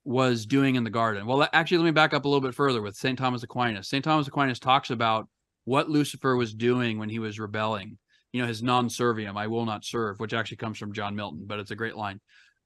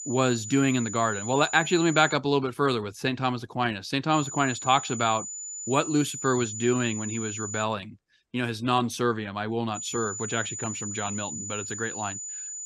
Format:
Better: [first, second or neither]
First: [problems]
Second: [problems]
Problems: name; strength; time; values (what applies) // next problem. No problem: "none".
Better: first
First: none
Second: high-pitched whine; loud; until 2 s, from 4 to 7.5 s and from 10 s on; 7 kHz, 7 dB below the speech